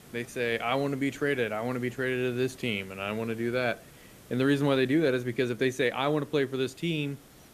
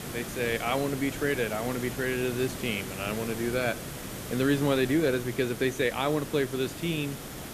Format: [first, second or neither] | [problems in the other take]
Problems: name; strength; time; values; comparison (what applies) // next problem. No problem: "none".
first | hiss; loud; throughout; 9 dB below the speech; faint in the first